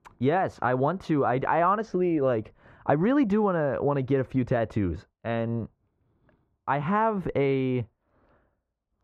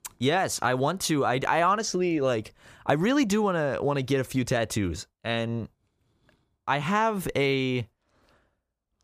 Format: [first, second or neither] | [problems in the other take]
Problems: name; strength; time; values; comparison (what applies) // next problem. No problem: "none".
second | muffled; very; fading above 3.5 kHz